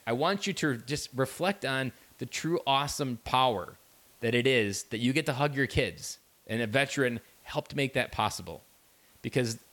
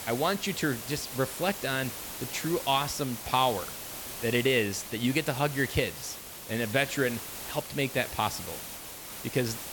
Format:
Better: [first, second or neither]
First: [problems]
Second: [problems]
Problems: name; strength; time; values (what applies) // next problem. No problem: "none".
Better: first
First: hiss; faint; throughout; 30 dB below the speech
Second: hiss; loud; throughout; 8 dB below the speech